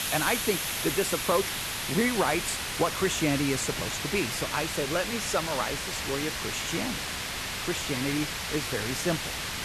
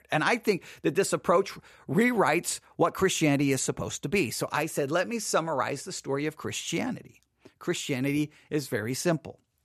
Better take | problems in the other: second | hiss; loud; throughout; 1 dB below the speech

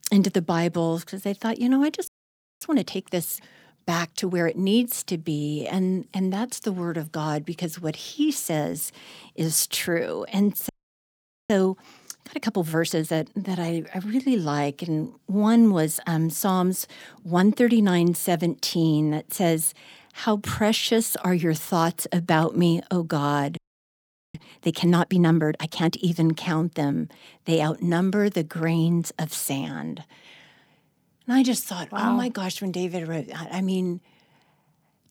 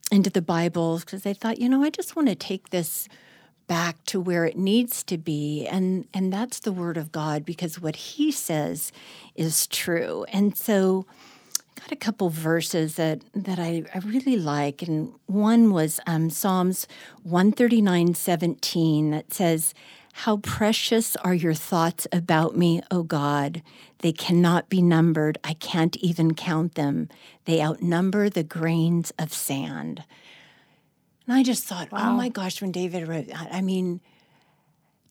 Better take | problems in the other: second | audio freezing; at 2 s for 0.5 s, at 11 s for 1 s and at 24 s for 1 s

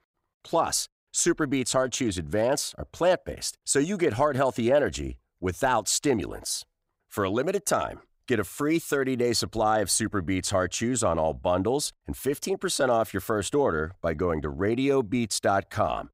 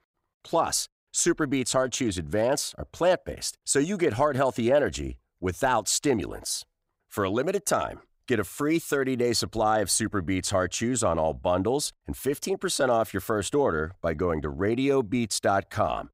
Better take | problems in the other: neither | none

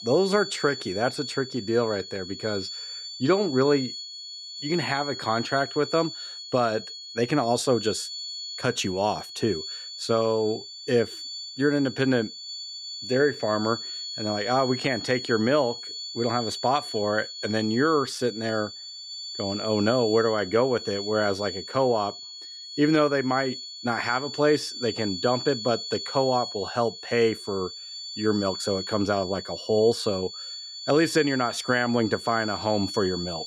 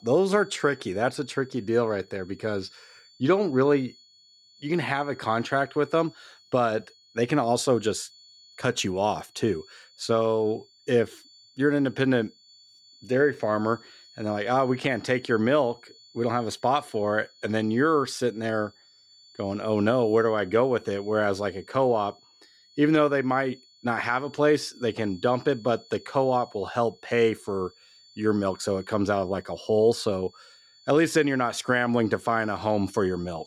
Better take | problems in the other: second | high-pitched whine; loud; throughout; 4.5 kHz, 9 dB below the speech; faint in the second

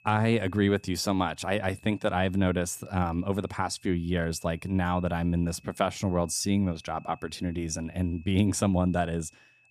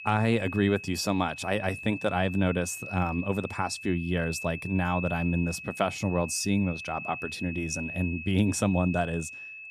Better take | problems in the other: first | high-pitched whine; loud; throughout; 2.5 kHz, 9 dB below the speech; faint in the first

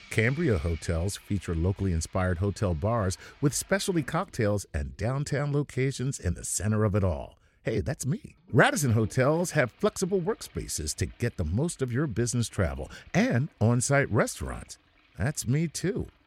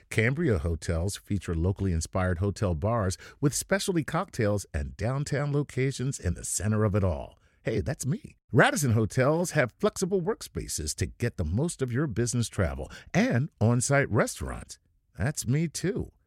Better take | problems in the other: second | household noises; faint; throughout; 25 dB below the speech

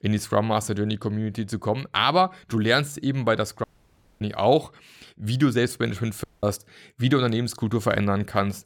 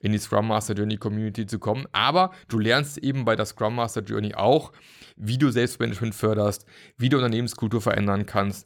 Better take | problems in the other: second | audio cutting out; at 3.5 s for 0.5 s and at 6 s

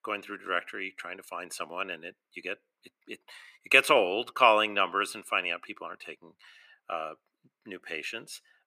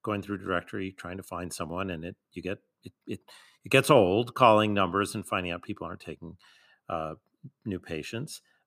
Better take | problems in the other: second | thin; somewhat; fading below 450 Hz

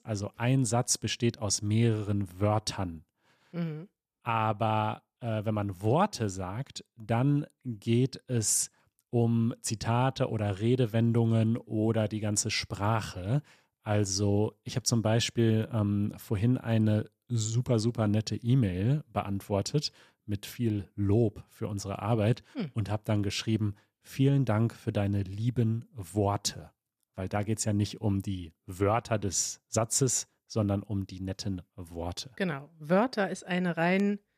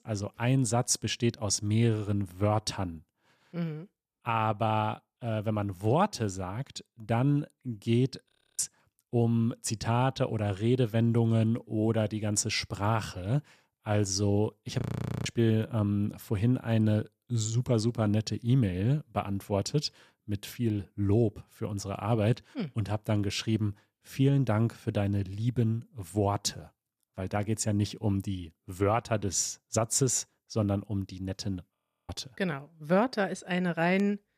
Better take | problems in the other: first | audio freezing; at 8.5 s, at 15 s and at 32 s

